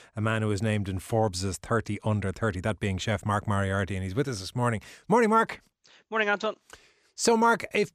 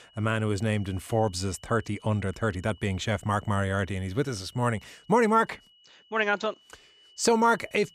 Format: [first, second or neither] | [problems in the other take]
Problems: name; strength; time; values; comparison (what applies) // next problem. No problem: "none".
first | high-pitched whine; faint; throughout; 3 kHz, 30 dB below the speech